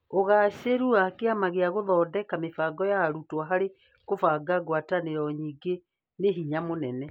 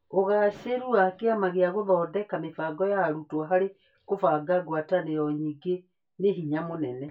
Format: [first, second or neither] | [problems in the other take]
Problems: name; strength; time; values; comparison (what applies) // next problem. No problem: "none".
first | room echo; dies away in 0.2 s